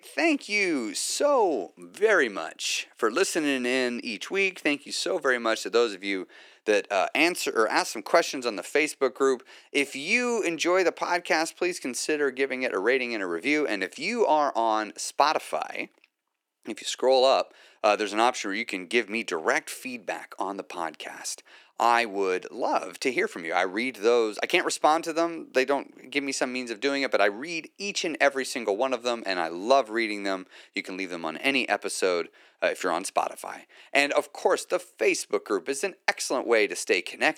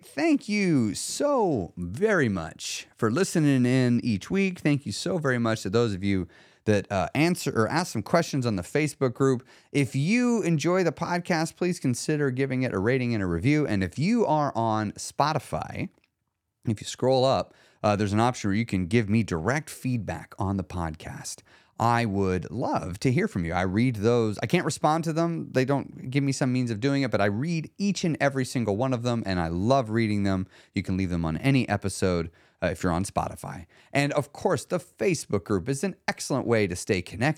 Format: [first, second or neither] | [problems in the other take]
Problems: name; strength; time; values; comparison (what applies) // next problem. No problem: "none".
second | thin; somewhat; fading below 350 Hz